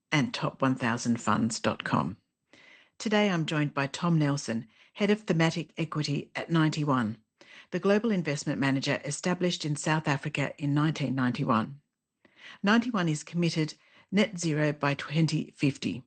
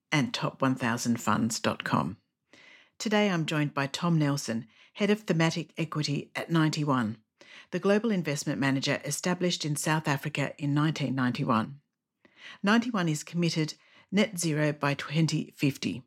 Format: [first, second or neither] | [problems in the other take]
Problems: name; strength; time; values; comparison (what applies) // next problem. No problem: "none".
second | garbled, watery; slightly; nothing above 8.5 kHz